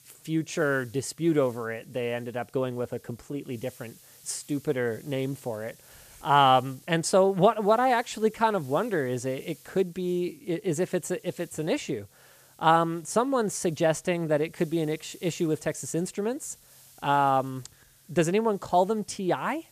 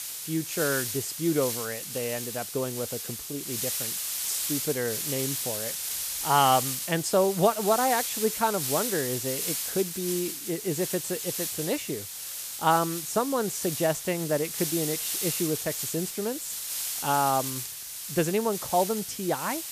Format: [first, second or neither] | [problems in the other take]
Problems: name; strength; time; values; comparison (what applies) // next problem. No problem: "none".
first | hiss; loud; throughout; 2 dB below the speech; faint in the first